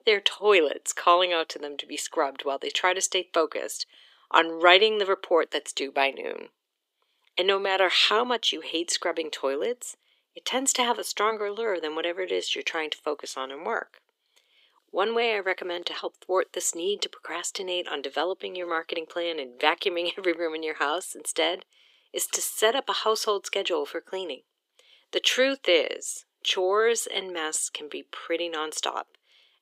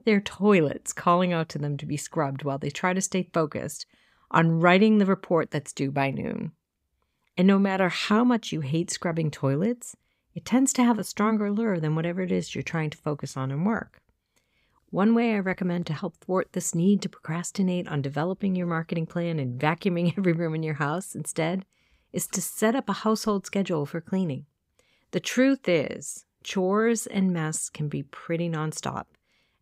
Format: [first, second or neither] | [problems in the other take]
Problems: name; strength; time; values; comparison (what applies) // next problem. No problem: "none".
second | thin; very; fading below 350 Hz